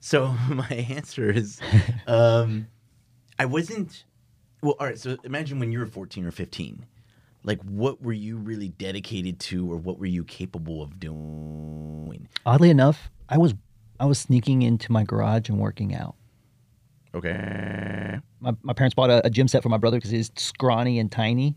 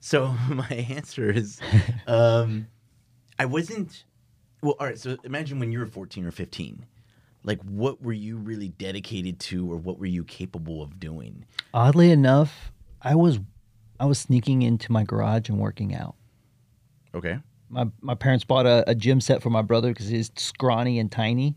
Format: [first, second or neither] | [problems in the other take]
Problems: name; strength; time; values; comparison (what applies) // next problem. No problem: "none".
second | audio freezing; at 11 s for 1 s and at 17 s for 1 s